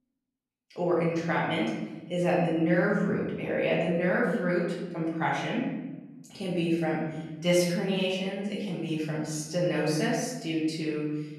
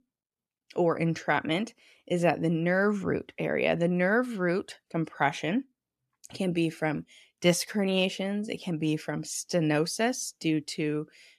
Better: second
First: room echo; noticeable; dies away in 1.1 s // off-mic speech; far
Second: none

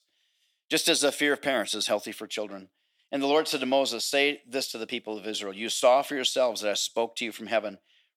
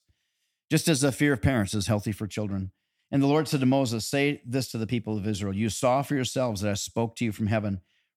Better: second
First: thin; somewhat; fading below 350 Hz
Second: none

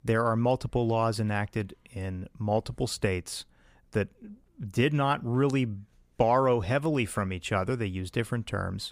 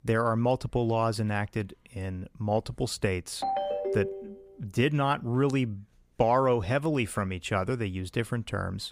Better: first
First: none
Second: phone ringing; noticeable; at 3.5 s; peak 1 dB below the speech

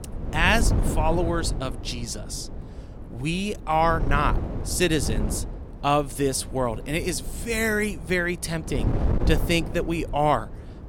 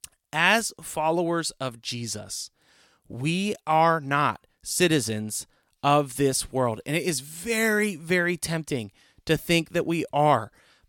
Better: second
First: wind noise on the microphone; occasional gusts; 15 dB below the speech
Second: none

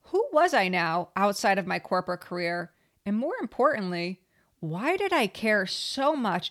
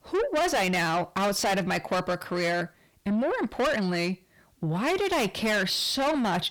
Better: first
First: none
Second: distortion; heavy; 6 dB below the speech

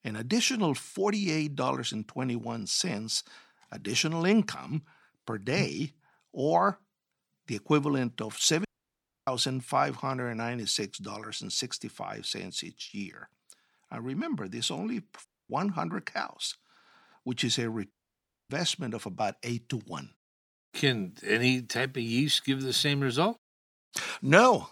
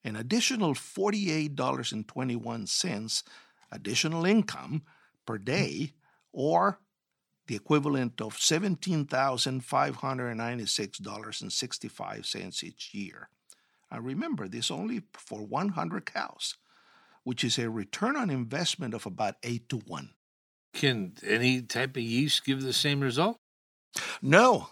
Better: second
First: audio cutting out; at 8.5 s for 0.5 s, at 15 s and at 18 s for 0.5 s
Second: none

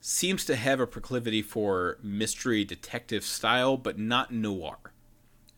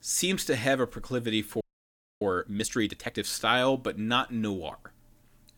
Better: first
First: none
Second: audio freezing; at 1.5 s for 0.5 s

